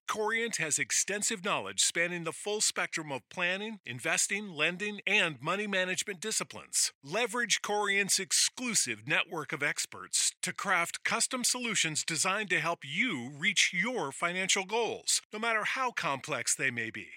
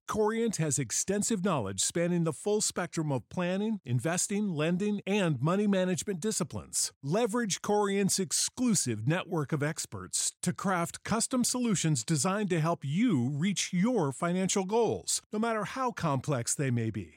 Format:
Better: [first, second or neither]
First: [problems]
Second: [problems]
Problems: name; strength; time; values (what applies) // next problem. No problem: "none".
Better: second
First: thin; somewhat; fading below 750 Hz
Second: none